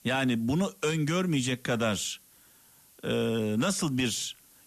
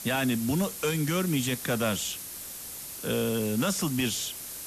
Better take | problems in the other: first | hiss; loud; throughout; 8 dB below the speech; faint in the first

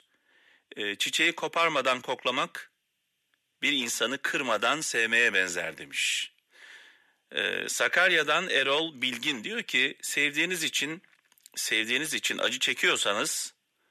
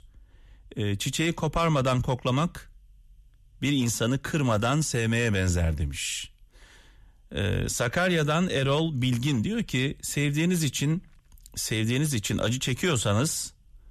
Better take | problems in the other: second | thin; very; fading below 350 Hz

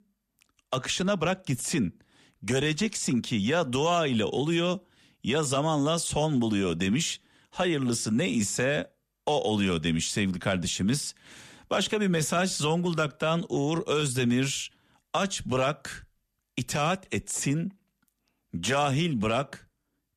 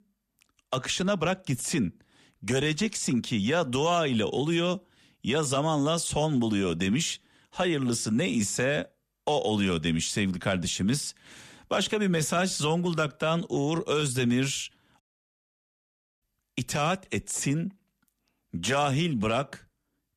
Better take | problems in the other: first | audio cutting out; at 15 s for 1 s

